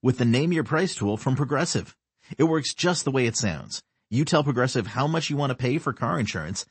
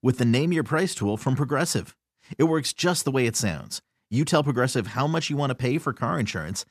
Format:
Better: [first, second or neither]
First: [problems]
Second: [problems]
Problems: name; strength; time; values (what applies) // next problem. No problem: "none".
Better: second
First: garbled, watery; slightly; nothing above 8 kHz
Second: none